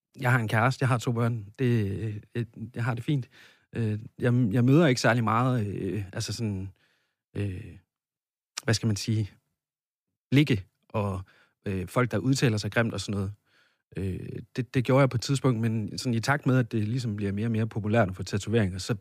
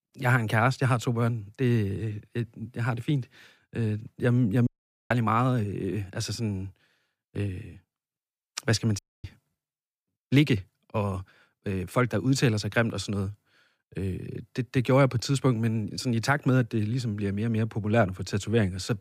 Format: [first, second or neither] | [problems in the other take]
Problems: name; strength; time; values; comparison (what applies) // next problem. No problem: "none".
first | audio cutting out; at 4.5 s and at 9 s